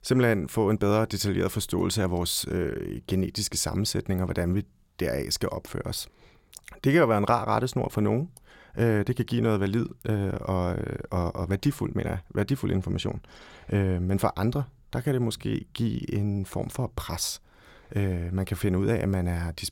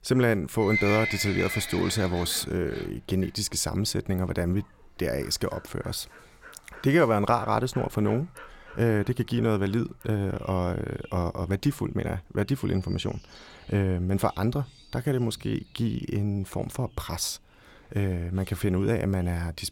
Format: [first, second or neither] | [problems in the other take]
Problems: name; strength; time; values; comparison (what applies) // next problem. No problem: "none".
first | animal sounds; loud; throughout; 8 dB below the speech